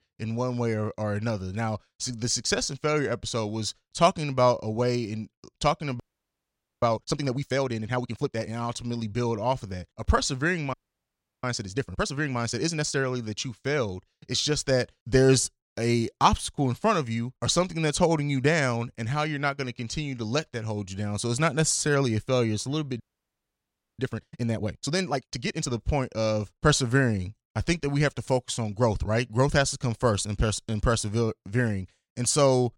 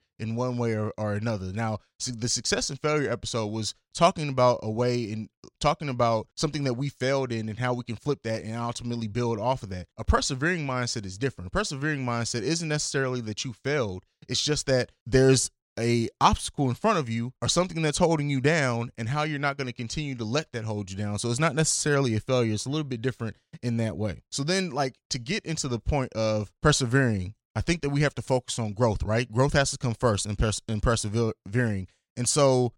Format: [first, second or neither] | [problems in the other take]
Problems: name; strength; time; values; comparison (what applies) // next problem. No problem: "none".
second | audio freezing; at 6 s for 1 s, at 11 s for 0.5 s and at 23 s for 1 s